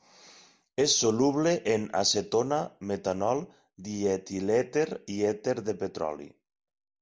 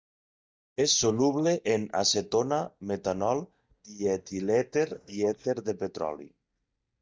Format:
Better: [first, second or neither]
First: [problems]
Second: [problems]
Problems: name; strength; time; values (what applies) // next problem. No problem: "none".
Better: first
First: none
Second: noise reduction (neural mask model DeepFilterNet 3)